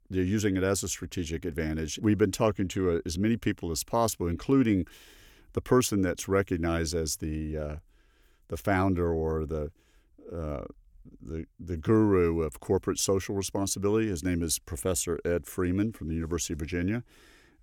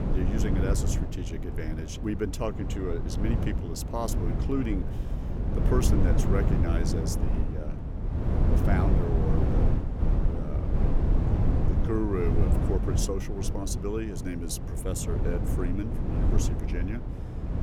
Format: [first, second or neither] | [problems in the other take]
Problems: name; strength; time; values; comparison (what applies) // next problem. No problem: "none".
first | wind noise on the microphone; heavy; 2 dB below the speech